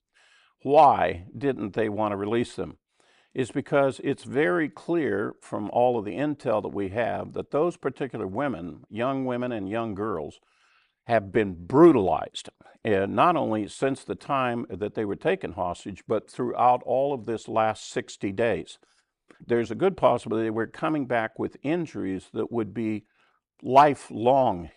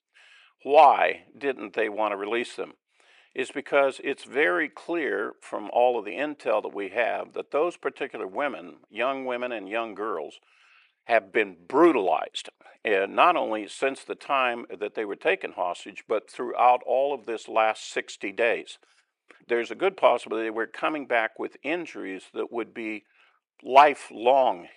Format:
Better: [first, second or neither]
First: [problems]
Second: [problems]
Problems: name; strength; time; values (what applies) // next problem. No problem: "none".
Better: first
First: none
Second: thin; somewhat; fading below 450 Hz